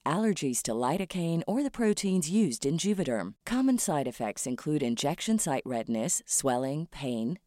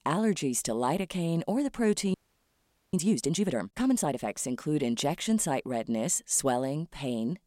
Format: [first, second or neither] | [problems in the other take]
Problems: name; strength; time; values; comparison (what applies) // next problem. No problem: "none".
first | audio freezing; at 2 s for 1 s